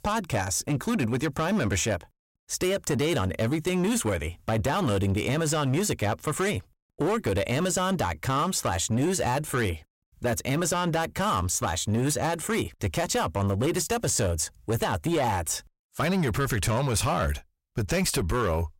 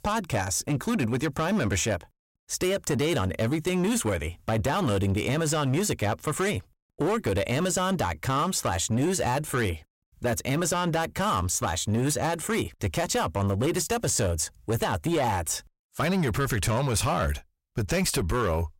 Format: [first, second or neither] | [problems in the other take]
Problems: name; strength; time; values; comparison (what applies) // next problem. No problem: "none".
neither | distortion; slight; 12% of the sound clipped; the same in both